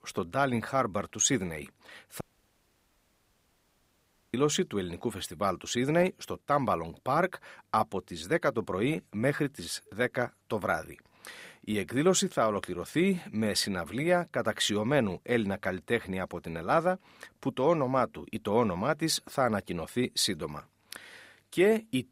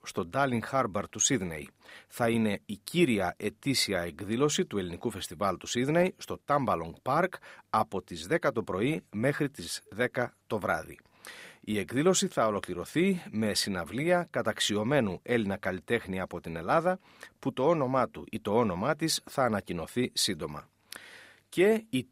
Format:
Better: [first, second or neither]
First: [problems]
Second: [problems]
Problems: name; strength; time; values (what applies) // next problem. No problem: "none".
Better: second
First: audio cutting out; at 2 s for 2 s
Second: none